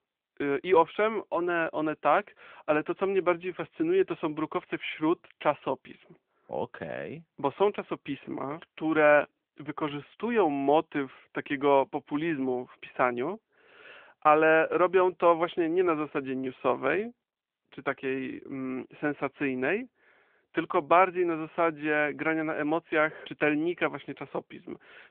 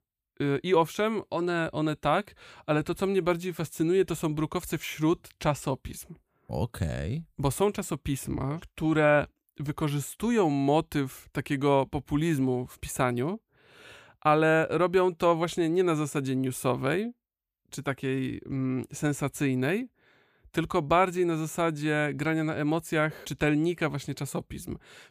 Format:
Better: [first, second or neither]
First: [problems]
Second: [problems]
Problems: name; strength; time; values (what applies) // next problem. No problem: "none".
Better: second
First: phone-call audio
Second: none